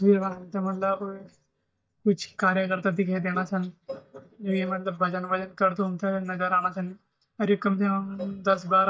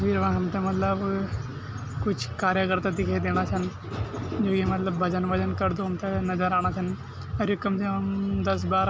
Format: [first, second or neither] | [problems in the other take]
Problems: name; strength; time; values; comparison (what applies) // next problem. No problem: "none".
second | noise reduction (neural mask model DeepFilterNet 3)